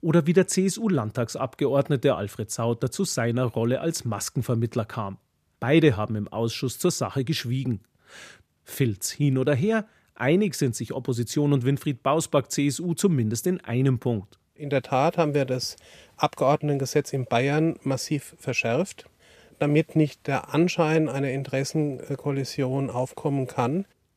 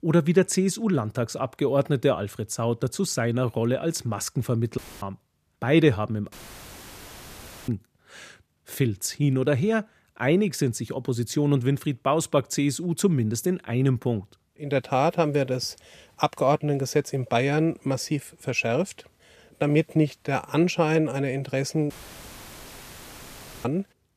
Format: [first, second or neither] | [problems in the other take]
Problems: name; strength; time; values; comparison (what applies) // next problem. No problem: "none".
first | audio cutting out; filled with static; at 5 s, at 6.5 s for 1.5 s and at 22 s for 1.5 s